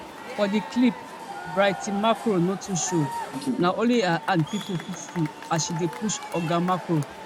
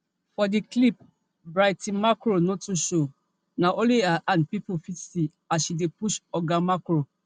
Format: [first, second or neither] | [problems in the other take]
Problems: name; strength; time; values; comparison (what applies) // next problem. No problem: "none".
second | background sound (Crowd / Cheering); 10 dB below the speech